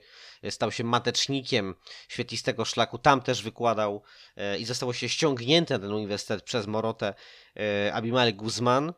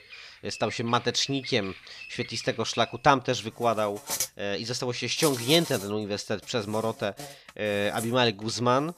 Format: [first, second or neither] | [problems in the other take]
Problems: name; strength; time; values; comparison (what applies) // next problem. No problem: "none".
first | animal sounds; noticeable; throughout; 10 dB below the speech